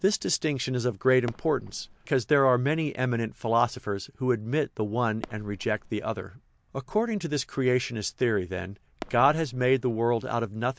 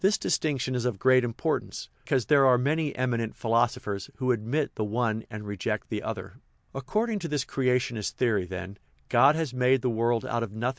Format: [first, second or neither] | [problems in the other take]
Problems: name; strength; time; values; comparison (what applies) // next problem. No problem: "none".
second | background sound (Fireworks); 17 dB below the speech